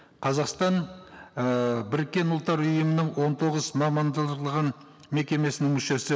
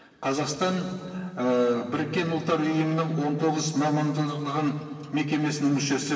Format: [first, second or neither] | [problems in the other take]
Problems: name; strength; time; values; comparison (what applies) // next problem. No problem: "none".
first | room echo; dies away in 2.3 s